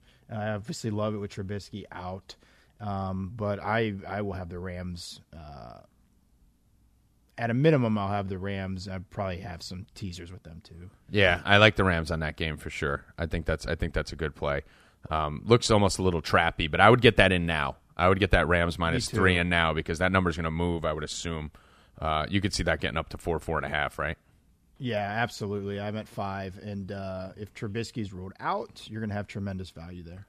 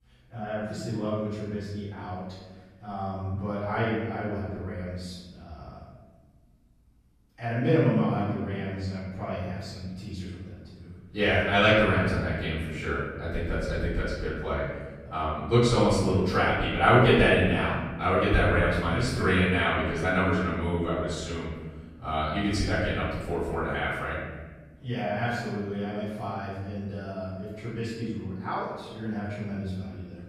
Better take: first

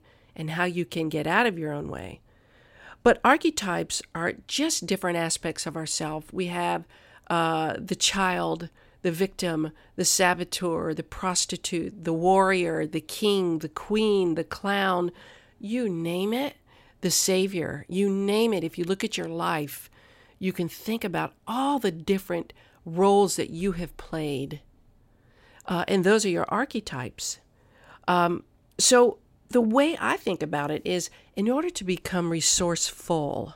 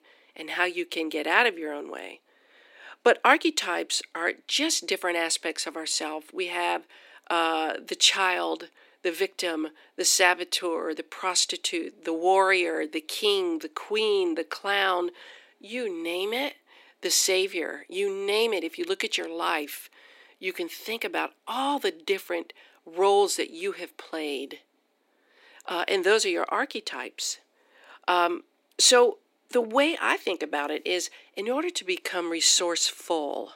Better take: first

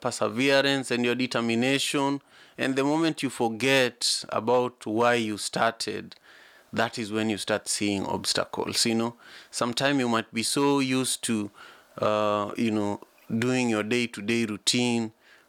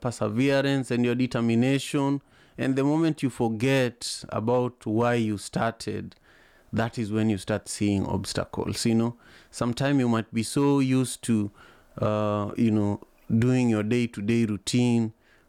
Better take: second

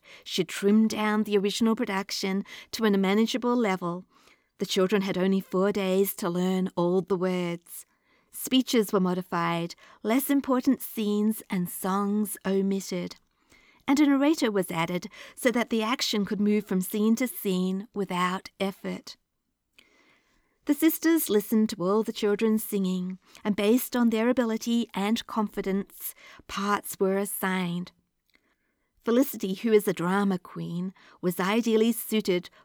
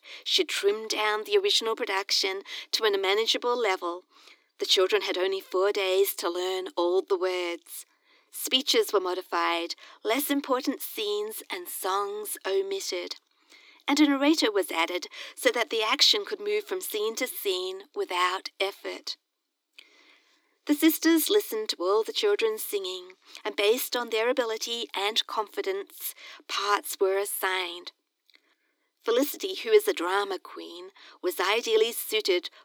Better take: first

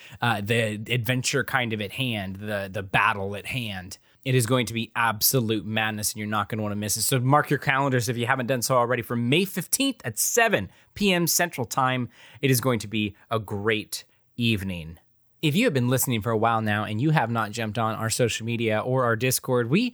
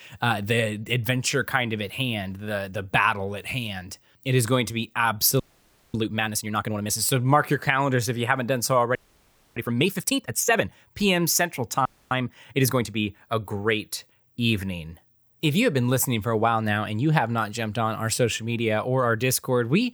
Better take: first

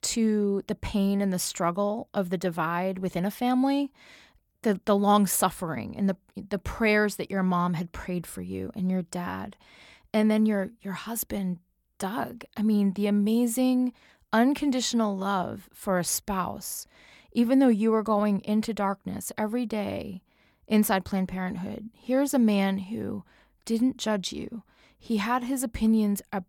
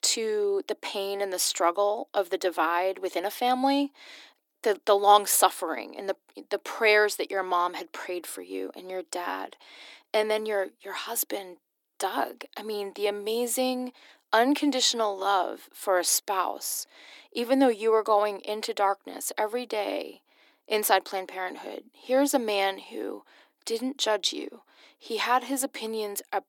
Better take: first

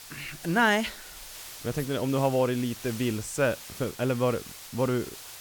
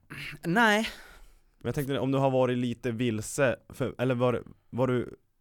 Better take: second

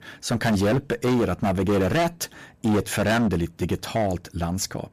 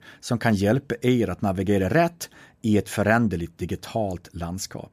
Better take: second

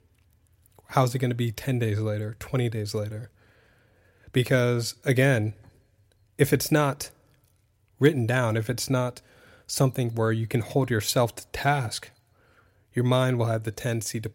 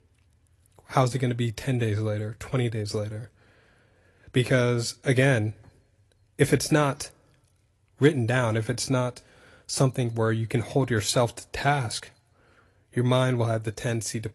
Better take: first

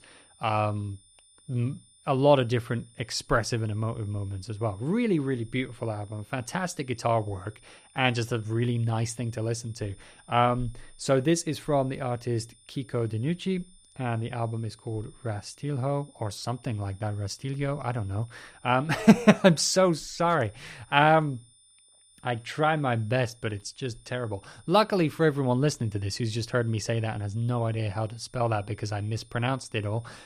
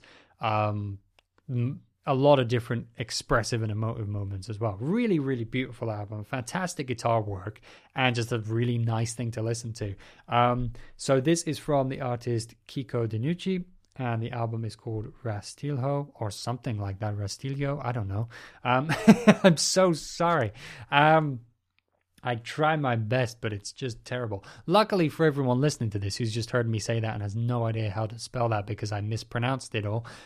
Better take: second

